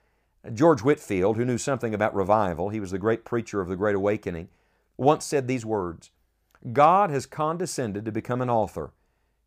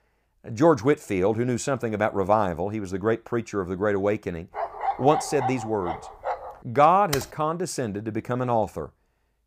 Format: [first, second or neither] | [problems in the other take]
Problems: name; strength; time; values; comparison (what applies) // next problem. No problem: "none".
first | dog barking; noticeable; from 4.5 to 6.5 s; peak 4 dB below the speech // keyboard typing; noticeable; at 7 s; peak 8 dB below the speech